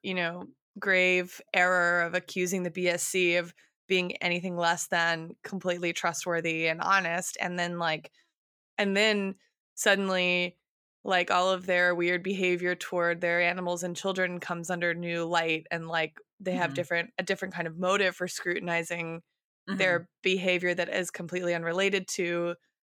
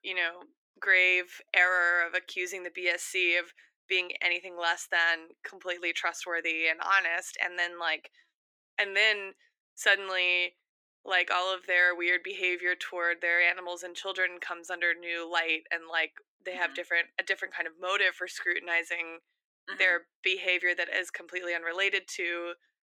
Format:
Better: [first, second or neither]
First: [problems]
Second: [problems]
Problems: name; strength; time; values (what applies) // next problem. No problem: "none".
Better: first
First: none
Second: thin; very; fading below 300 Hz